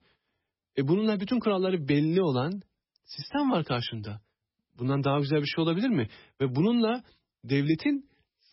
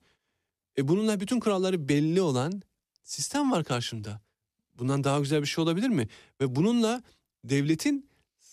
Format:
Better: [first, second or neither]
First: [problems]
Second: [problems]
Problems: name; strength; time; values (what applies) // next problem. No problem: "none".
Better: second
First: garbled, watery; badly; nothing above 5.5 kHz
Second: none